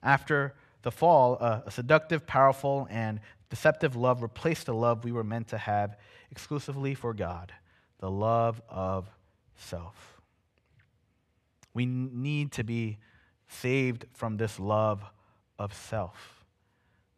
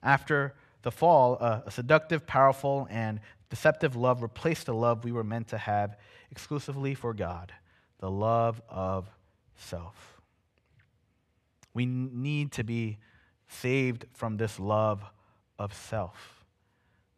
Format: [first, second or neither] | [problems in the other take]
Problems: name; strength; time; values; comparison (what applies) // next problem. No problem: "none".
neither | none